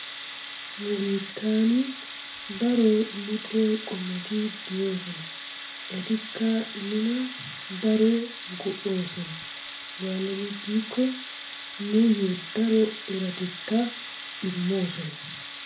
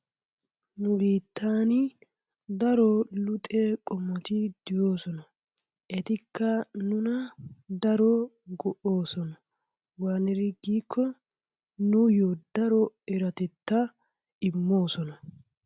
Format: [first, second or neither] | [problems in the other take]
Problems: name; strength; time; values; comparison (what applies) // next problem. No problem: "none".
second | background sound (Tools); 11 dB below the speech // room echo; dies away in 0.3 s